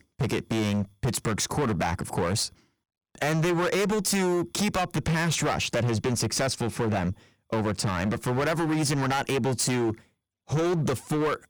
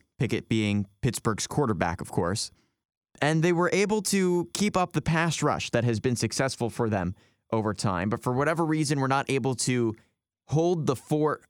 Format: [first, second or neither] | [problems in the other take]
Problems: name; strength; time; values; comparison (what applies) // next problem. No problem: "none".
second | distortion; heavy; 22% of the sound clipped